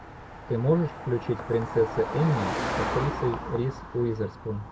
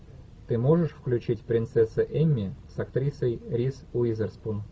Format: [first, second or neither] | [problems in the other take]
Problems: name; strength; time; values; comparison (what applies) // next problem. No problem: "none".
second | background sound (Car passing by); 6 dB below the speech